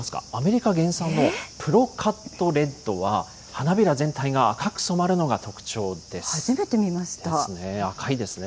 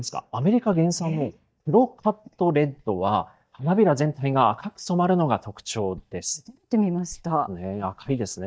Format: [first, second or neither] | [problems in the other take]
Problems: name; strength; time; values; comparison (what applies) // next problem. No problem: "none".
first | noise reduction (neural mask model DeepFilterNet 3)